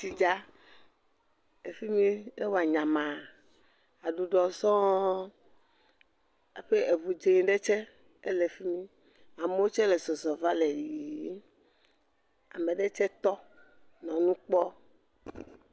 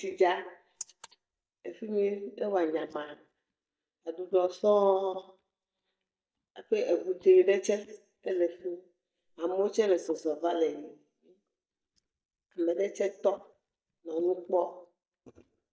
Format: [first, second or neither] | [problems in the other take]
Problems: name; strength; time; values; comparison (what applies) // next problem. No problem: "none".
first | noise reduction (neural mask model DeepFilterNet 3)